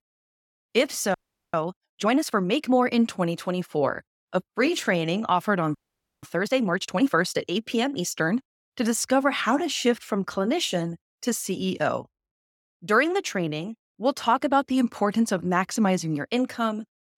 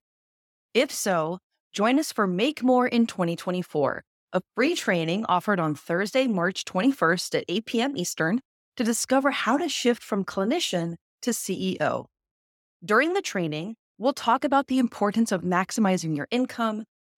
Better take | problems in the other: second | audio freezing; at 1 s and at 6 s

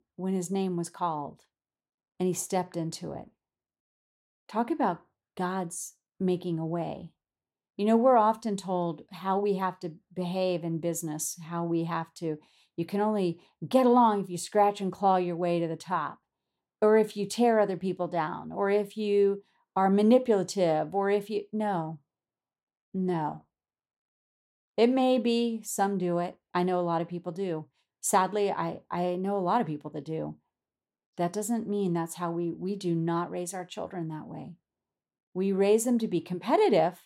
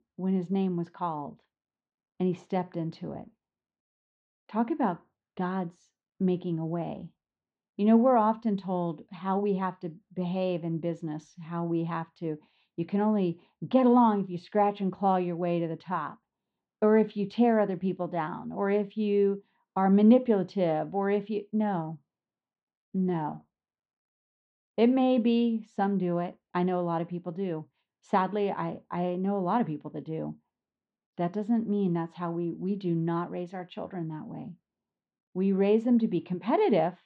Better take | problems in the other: first | muffled; very; fading above 3.5 kHz

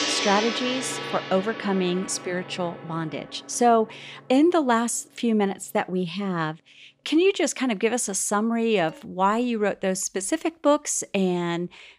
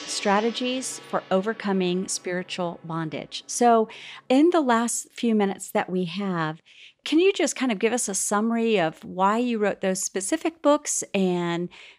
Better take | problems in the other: second | background music; loud; throughout; 8 dB below the speech; faint in the second

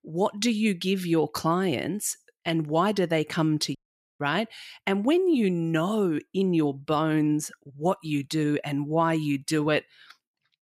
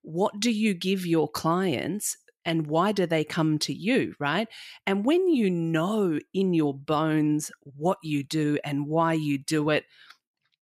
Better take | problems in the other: second | audio cutting out; at 4 s

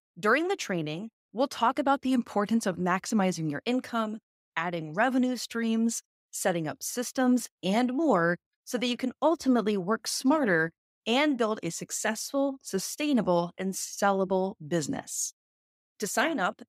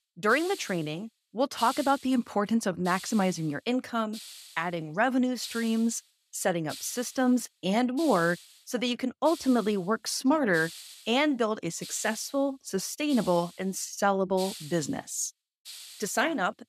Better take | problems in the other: first | hiss; noticeable; throughout; 15 dB below the speech

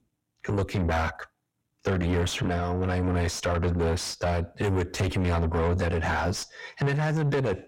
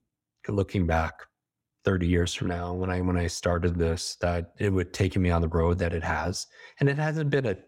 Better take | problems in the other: second | distortion; heavy; 6 dB below the speech

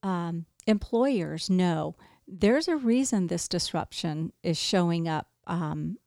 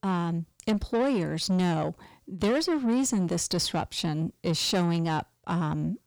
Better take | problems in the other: first | distortion; slight; 10 dB below the speech

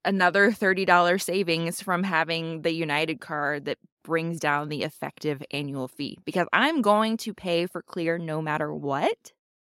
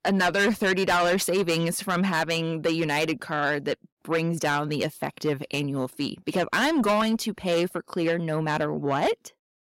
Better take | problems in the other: first | distortion; heavy; 7 dB below the speech

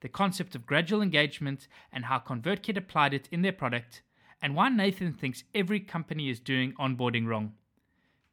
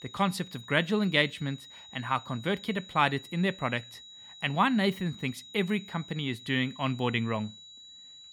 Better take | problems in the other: first | high-pitched whine; noticeable; throughout; 4 kHz, 15 dB below the speech

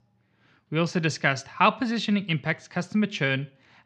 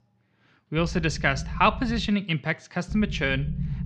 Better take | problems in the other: first | low rumble; faint; from 1 to 2 s and at 3 s; 20 dB below the speech

